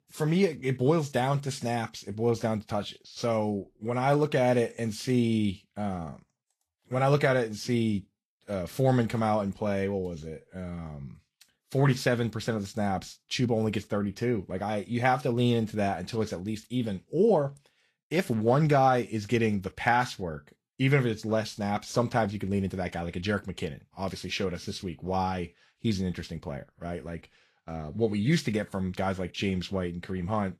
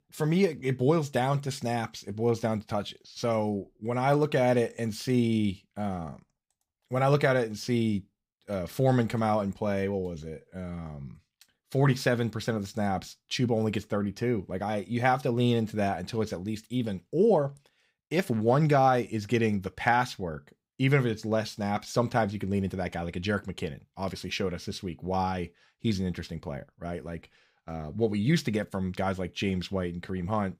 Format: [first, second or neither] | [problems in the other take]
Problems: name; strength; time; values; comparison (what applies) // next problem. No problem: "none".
second | garbled, watery; slightly; nothing above 13 kHz